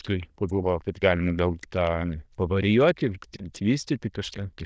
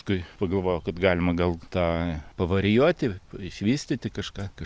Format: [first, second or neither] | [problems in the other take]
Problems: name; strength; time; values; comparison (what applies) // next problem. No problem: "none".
second | noise reduction (neural diffusion model UNIVERSE++)